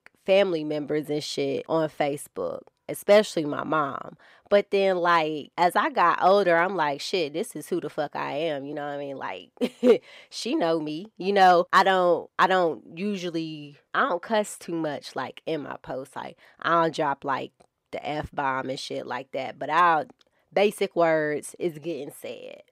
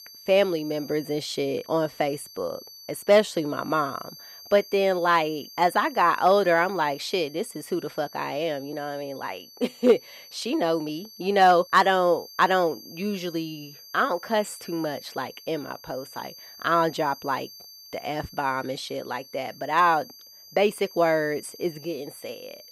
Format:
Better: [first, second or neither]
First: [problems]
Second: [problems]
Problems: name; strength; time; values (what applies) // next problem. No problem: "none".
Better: first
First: none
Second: high-pitched whine; noticeable; throughout; 4.5 kHz, 20 dB below the speech